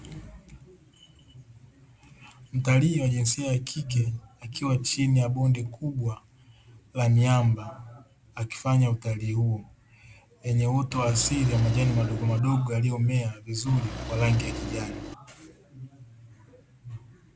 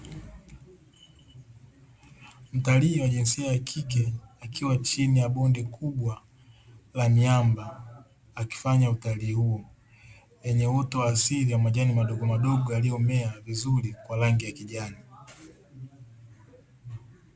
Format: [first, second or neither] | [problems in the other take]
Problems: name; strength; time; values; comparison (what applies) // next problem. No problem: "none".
second | background sound (Engine); 7 dB below the speech